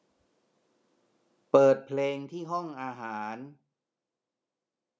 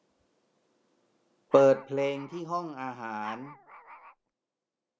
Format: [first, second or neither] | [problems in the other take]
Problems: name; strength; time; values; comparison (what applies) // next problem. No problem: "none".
first | background sound (Dog); 16 dB below the speech